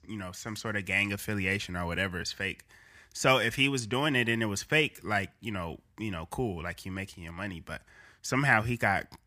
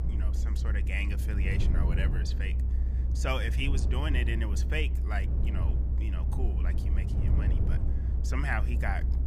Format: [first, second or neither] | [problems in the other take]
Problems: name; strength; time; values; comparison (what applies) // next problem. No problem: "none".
first | low rumble; loud; throughout; 8 dB below the speech